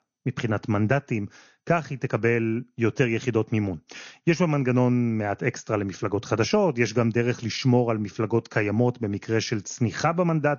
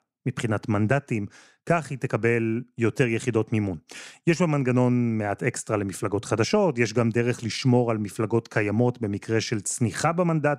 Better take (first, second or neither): second